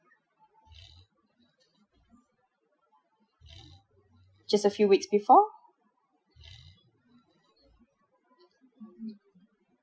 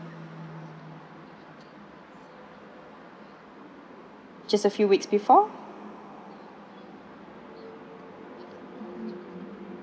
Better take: second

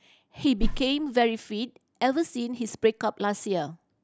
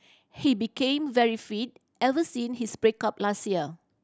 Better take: second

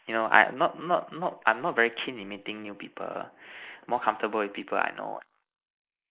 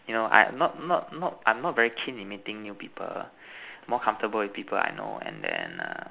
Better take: second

